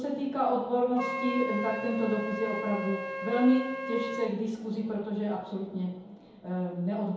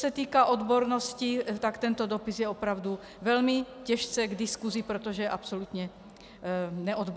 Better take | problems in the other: second | background sound (Wind instrument, woodwind instrument); 8 dB below the speech // room echo; dies away in 1.9 s

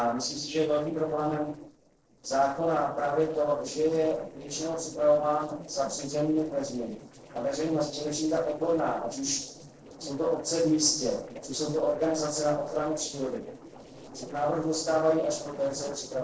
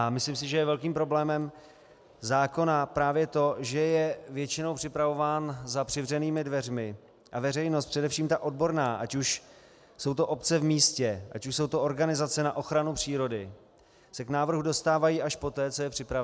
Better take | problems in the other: second | noise reduction (neural separator model SepFormer DNS4)

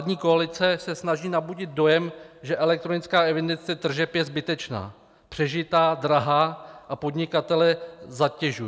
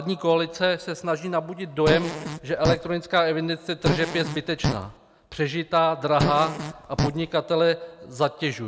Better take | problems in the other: first | background sound (Fart); 3 dB below the speech

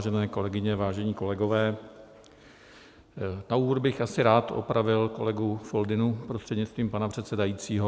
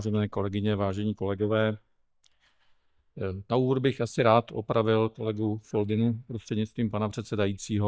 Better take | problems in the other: first | noise reduction (neural mask model DeepFilterNet 3)

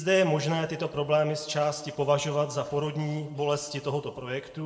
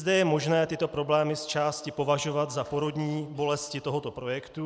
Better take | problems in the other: second | room echo; dies away in 1.1 s

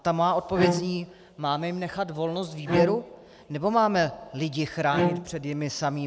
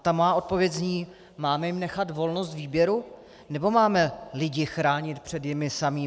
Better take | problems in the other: second | background sound (Bowed string instrument); 3 dB below the speech

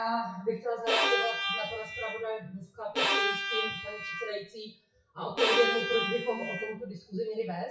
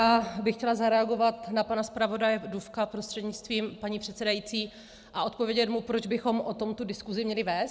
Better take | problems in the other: second | noise reduction (classical method WPE with log-MMSE)

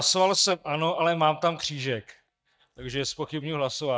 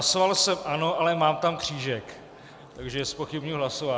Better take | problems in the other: second | noise reduction (neural mask model DeepFilterNet 3)

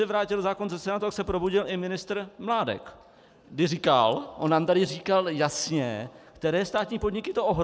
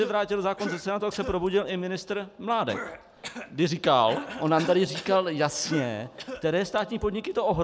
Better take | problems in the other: first | background sound (Cough); 14 dB below the speech

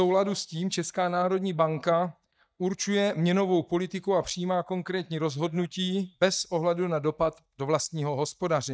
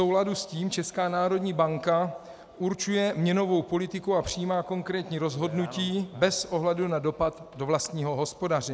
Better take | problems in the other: second | noise reduction (neural mask model DeepFilterNet 3)

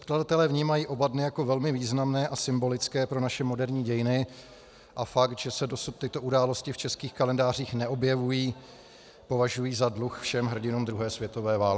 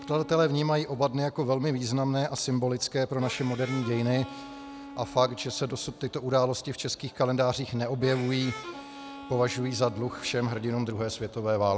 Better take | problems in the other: first | background sound (Harmonica); 17 dB below the speech

